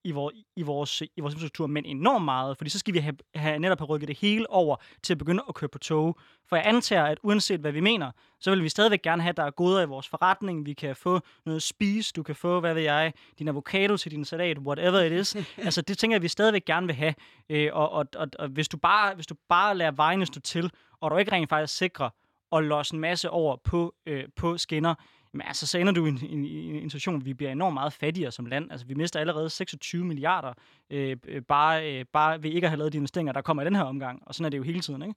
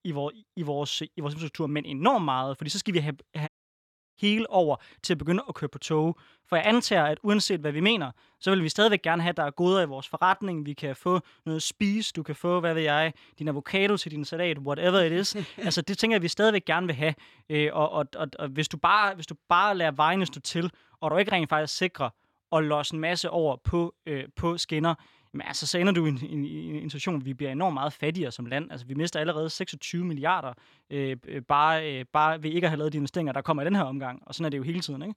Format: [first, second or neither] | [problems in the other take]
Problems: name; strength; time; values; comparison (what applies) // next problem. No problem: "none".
first | audio cutting out; at 3.5 s for 0.5 s